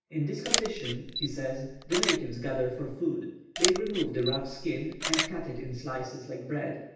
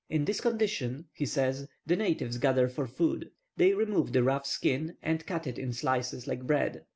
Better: second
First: background sound (Camera); 2 dB below the speech // room echo; dies away in 0.9 s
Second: none

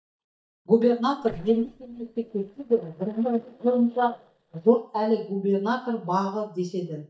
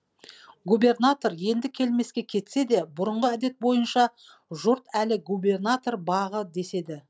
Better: second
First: noise reduction (neural mask model DeepFilterNet 3)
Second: none

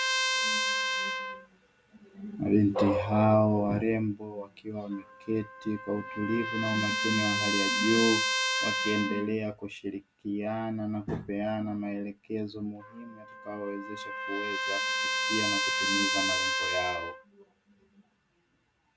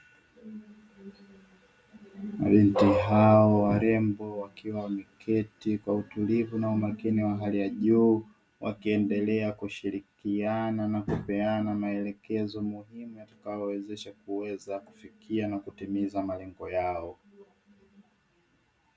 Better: second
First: background sound (Trumpet); 2 dB below the speech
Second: none

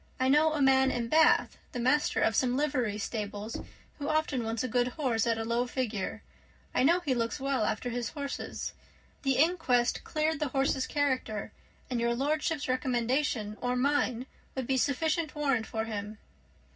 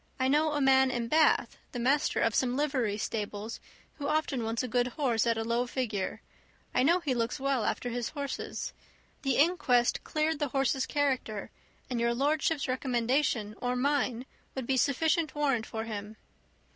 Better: second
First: background sound (Knock); 18 dB below the speech // room echo; dies away in 0.4 s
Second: none

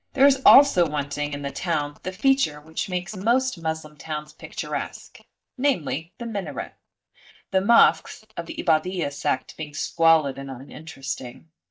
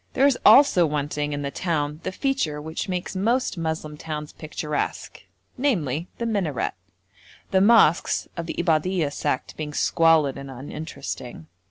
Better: second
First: noise reduction (neural mask model DeepFilterNet 3)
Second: none

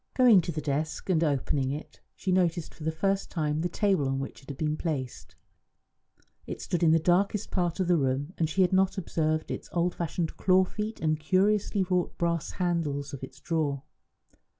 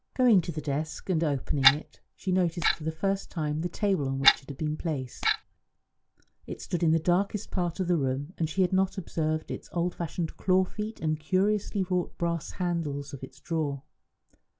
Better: first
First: none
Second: background sound (Clock); 1 dB below the speech

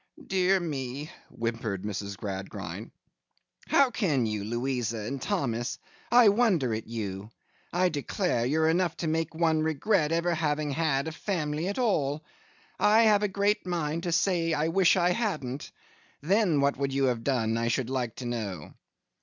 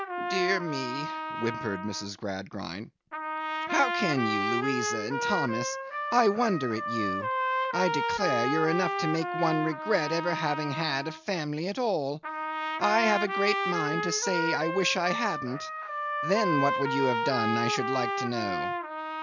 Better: first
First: none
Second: background sound (Trumpet); 2 dB below the speech

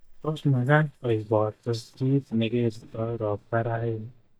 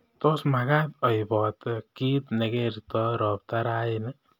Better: second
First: noise reduction (neural mask model DeepFilterNet 3)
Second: none

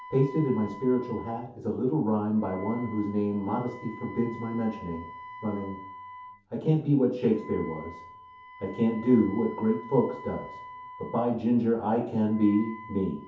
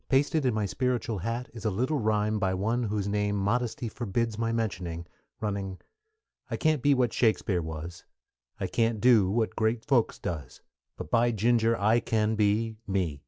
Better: second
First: background sound (Wind instrument, woodwind instrument); 17 dB below the speech // room echo; dies away in 0.5 s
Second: none

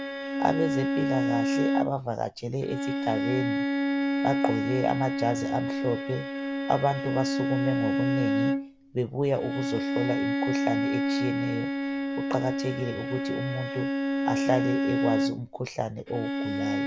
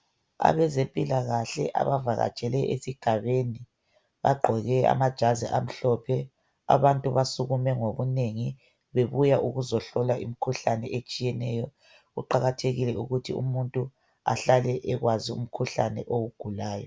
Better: second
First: background sound (Bowed string instrument); 2 dB above the speech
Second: none

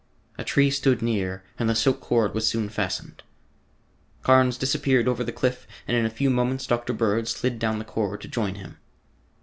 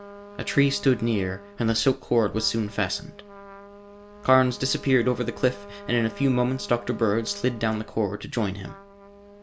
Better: first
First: none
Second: background sound (Trumpet); 19 dB below the speech

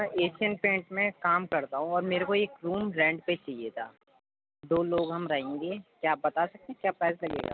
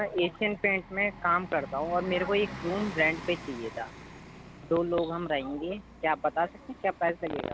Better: first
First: none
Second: background sound (Bus); 15 dB below the speech

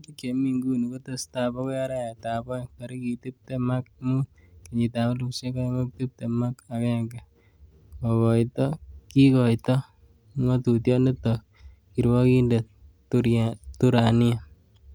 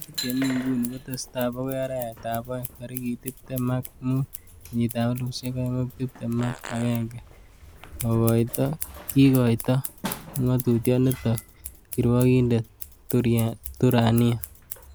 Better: first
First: none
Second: background sound (Fart + Scissors); 14 dB below the speech

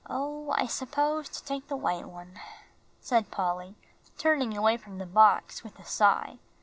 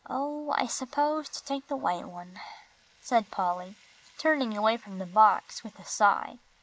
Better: first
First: none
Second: noise reduction (neural mask model Resemble Enhance denoiser)

